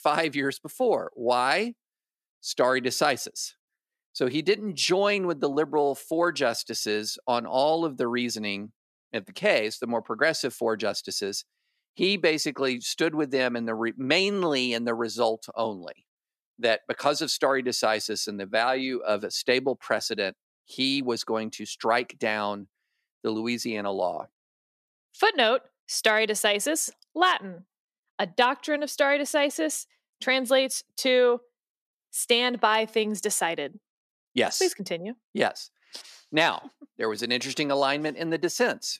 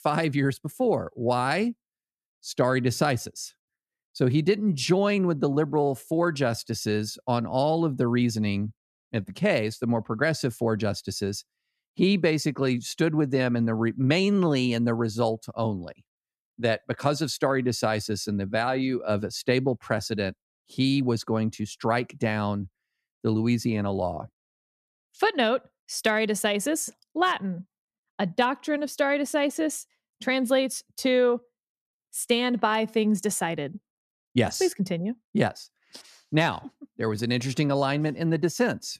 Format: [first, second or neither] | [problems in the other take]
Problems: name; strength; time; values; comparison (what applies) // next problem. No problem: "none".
second | thin; somewhat; fading below 350 Hz